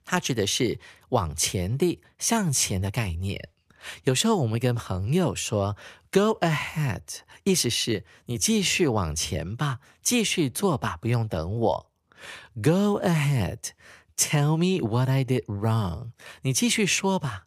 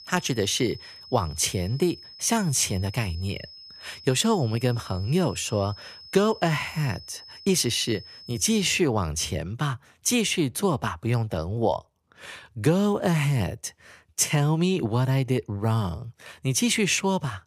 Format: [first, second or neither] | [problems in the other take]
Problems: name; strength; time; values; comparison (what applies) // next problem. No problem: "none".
first | high-pitched whine; noticeable; until 8.5 s; 5 kHz, 20 dB below the speech